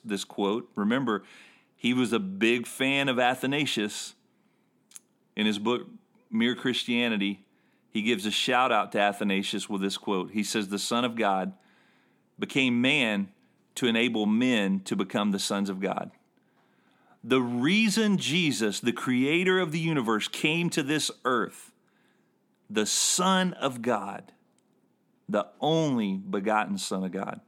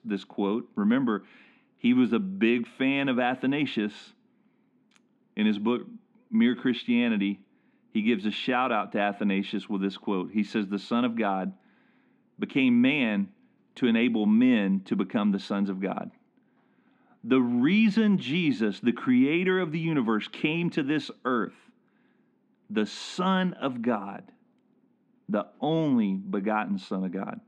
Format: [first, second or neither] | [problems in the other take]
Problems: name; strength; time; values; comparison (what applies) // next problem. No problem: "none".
first | muffled; slightly; fading above 2.5 kHz